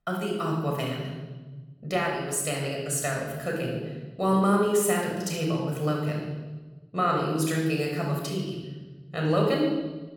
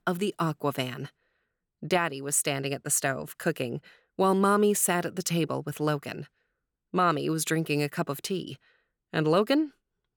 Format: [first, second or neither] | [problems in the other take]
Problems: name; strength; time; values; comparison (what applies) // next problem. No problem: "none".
second | off-mic speech; somewhat distant // room echo; noticeable; dies away in 1.5 s